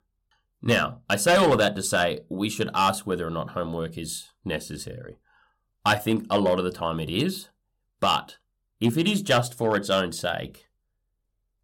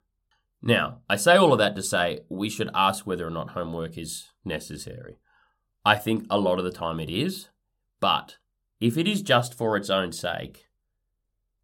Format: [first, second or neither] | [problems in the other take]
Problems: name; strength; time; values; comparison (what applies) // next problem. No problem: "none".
second | distortion; slight; 2% of the sound clipped